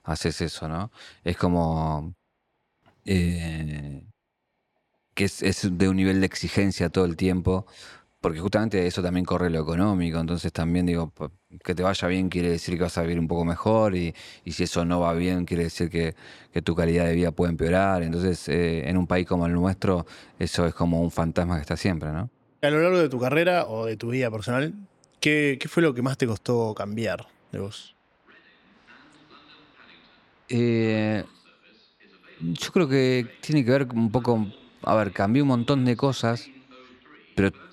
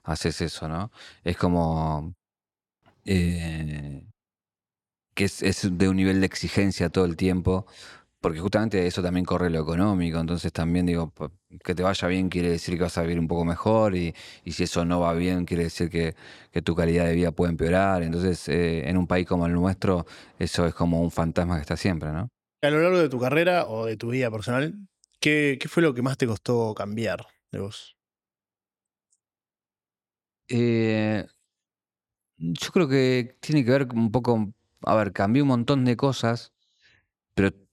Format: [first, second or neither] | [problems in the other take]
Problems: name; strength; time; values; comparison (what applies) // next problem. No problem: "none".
second | train or aircraft noise; faint; throughout; 30 dB below the speech